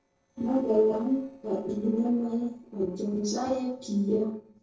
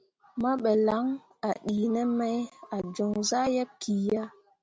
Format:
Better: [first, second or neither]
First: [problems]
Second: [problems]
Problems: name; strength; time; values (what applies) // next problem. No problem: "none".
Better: second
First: noise reduction (neural separator model SepFormer DNS4)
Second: none